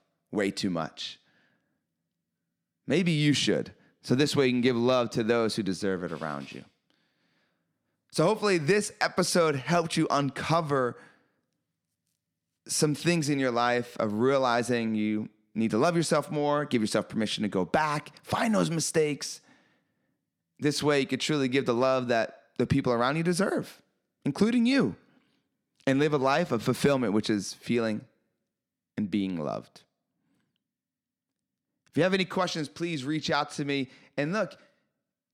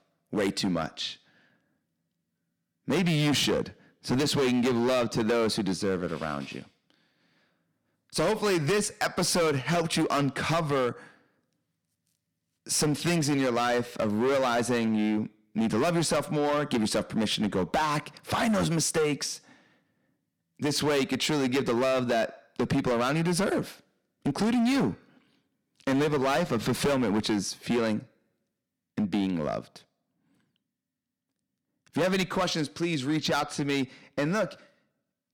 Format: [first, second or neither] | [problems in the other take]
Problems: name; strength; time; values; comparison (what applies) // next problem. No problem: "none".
first | distortion; heavy; 12% of the sound clipped